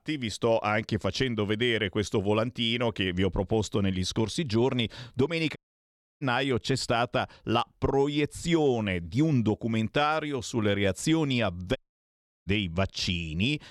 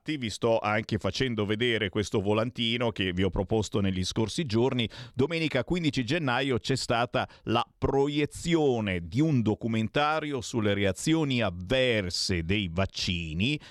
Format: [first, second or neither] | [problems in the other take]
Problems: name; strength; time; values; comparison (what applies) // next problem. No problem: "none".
second | audio cutting out; at 5.5 s for 0.5 s and at 12 s for 0.5 s